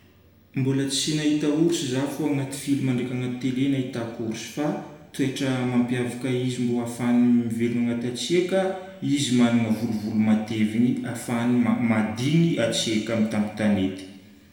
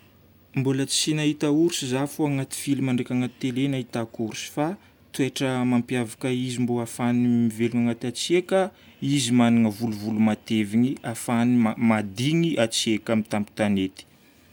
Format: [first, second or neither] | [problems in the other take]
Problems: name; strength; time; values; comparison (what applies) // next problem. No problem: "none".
second | room echo; dies away in 0.9 s